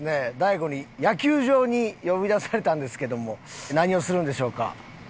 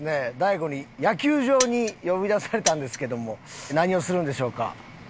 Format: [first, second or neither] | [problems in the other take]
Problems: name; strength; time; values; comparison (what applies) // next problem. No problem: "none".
first | background sound (Mechanisms); 7 dB below the speech